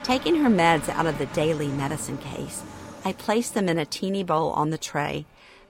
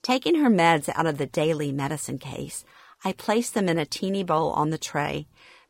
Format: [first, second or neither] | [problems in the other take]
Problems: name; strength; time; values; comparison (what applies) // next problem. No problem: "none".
second | train or aircraft noise; noticeable; throughout; 15 dB below the speech